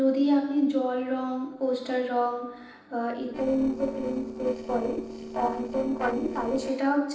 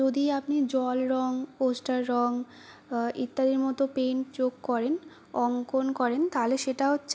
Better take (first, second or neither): second